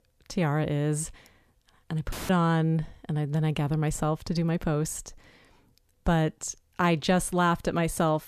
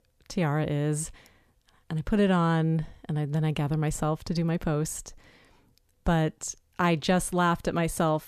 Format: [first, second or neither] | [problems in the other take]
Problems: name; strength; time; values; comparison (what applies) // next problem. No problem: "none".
second | audio cutting out; filled with static; at 2 s